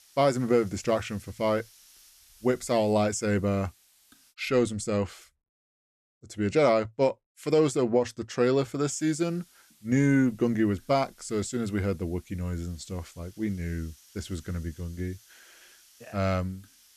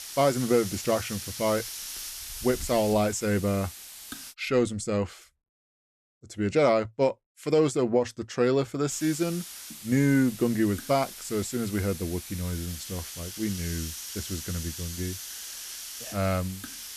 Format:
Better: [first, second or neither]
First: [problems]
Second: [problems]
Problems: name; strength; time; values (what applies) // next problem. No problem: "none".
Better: first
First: hiss; faint; until 4.5 s and from 9 s on; 30 dB below the speech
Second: hiss; loud; until 4.5 s and from 9 s on; 10 dB below the speech